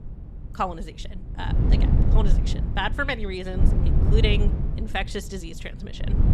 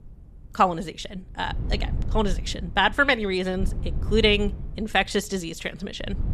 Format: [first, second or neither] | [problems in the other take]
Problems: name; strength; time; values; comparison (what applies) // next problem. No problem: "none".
second | wind noise on the microphone; heavy; 7 dB below the speech; occasional gusts in the second